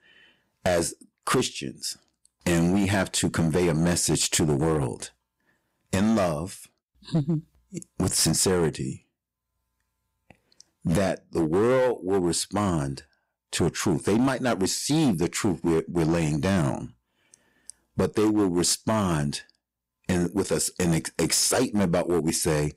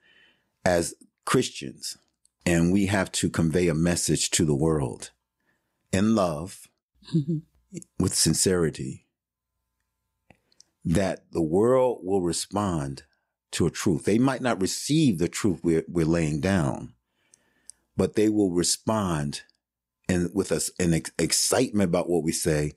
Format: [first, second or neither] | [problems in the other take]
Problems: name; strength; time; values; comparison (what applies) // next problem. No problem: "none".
second | distortion; slight; 8% of the sound clipped